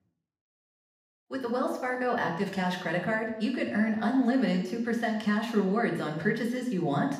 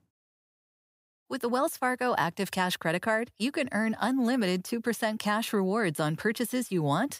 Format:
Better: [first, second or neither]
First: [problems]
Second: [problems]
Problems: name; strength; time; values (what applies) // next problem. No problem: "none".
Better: second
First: room echo; noticeable; dies away in 0.8 s // off-mic speech; far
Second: none